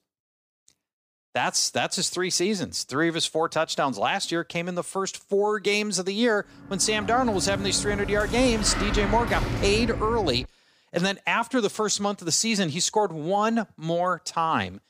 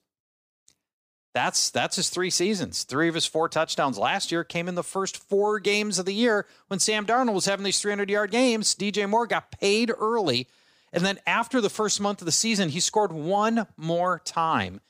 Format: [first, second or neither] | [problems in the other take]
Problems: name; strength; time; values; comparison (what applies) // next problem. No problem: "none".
second | door banging; noticeable; from 6.5 to 10 s; peak 3 dB below the speech